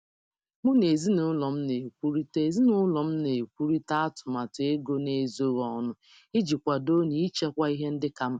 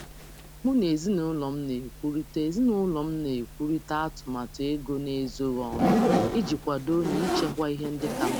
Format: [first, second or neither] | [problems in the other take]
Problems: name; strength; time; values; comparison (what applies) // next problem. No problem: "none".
first | background sound (Zipper (clothing)); 3 dB below the speech